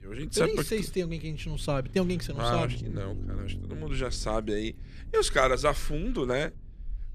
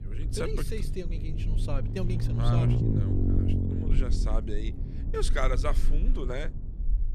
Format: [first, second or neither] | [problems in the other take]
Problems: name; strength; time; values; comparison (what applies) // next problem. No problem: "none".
first | low rumble; loud; throughout; 4 dB below the speech; faint in the first